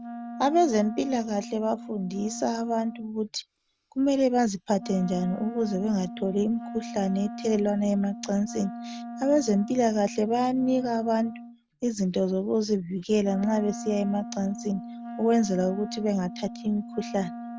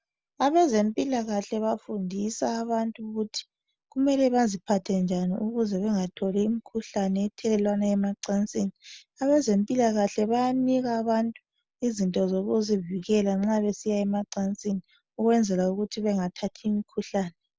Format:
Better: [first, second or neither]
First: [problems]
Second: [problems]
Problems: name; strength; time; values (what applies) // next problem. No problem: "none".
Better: second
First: background sound (Wind instrument, woodwind instrument); 12 dB below the speech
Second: none